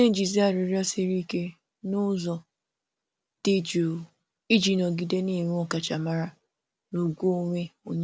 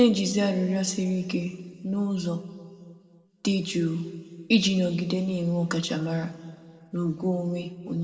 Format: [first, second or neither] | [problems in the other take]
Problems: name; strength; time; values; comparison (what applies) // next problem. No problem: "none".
first | room echo; dies away in 1.7 s